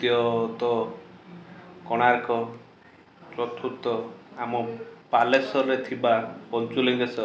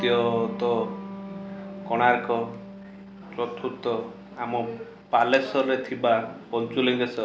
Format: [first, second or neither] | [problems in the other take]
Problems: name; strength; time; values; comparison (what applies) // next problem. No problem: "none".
first | background sound (Electric guitar); 14 dB below the speech